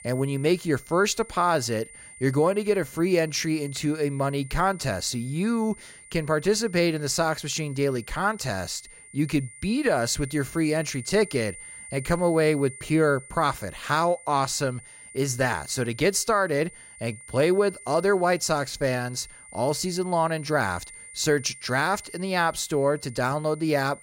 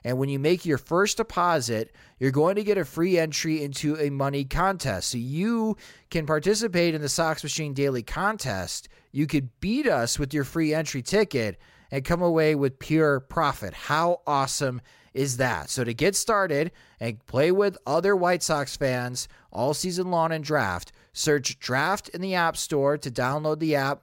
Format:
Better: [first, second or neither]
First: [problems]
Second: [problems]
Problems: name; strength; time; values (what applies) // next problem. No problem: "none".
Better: second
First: high-pitched whine; noticeable; throughout; 9 kHz, 20 dB below the speech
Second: none